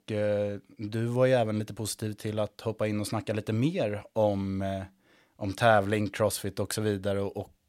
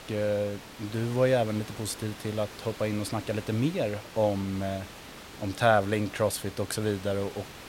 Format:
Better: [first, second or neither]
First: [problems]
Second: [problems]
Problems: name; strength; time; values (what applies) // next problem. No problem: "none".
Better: first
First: none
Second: hiss; noticeable; throughout; 15 dB below the speech